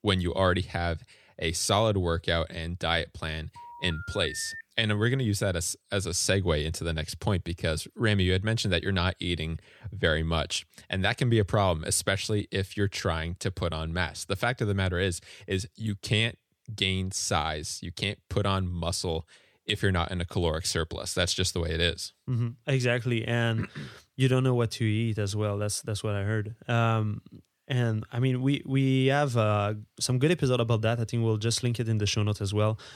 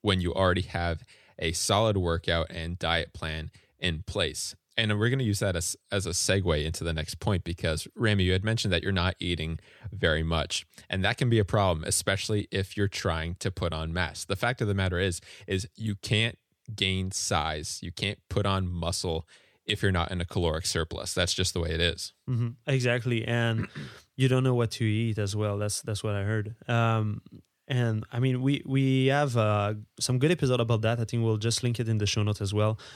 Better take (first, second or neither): second